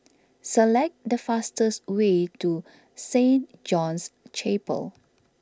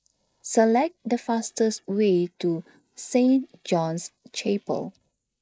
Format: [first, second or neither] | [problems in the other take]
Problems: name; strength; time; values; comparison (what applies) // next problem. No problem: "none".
first | noise reduction (neural mask model Resemble Enhance denoiser)